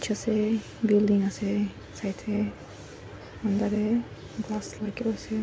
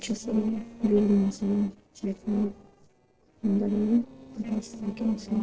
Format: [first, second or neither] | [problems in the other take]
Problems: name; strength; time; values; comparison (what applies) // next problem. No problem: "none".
first | noise reduction (neural separator model SepFormer DNS4)